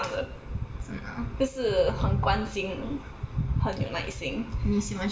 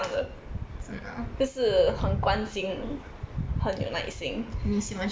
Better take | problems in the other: second | room echo; dies away in 1.1 s

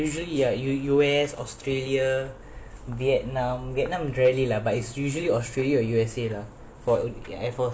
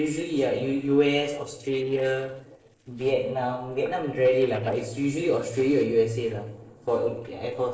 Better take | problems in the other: first | noise reduction (neural separator model SepFormer DNS4)

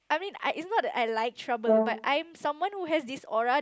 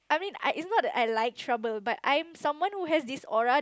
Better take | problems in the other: second | background sound (Brass instrument); 1 dB below the speech

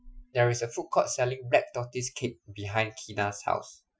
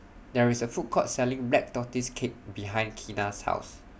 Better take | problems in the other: second | noise reduction (classical method Wiener filter)

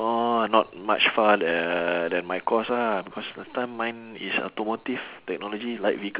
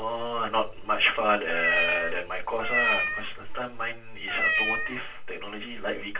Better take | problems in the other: first | background sound (Meow); 1 dB above the speech // room echo; dies away in 0.2 s

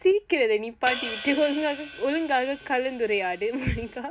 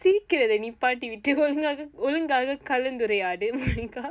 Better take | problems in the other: second | background sound (Hi-hat); 13 dB below the speech

